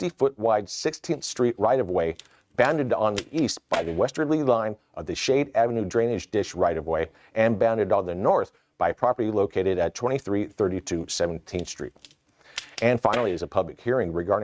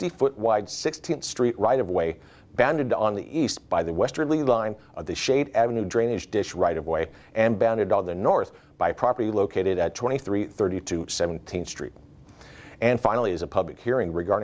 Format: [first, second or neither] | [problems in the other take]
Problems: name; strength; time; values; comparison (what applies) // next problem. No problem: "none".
second | noise reduction (neural mask model RNNoise)